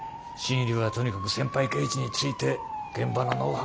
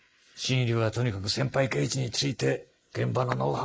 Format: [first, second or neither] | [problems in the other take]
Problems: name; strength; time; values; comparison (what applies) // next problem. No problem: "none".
first | noise reduction (neural mask model Resemble Enhance denoiser)